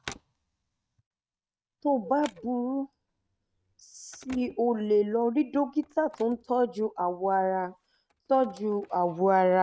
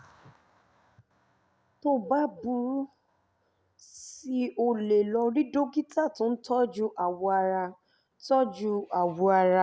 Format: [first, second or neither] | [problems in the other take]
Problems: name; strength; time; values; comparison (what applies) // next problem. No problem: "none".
second | noise reduction (neural mask model RNNoise)